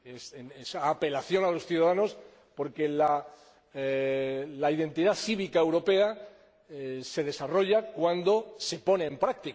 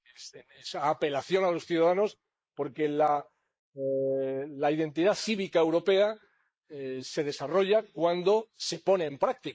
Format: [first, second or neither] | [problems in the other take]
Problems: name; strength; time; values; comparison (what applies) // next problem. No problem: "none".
first | noise reduction (neural mask model Resemble Enhance denoiser)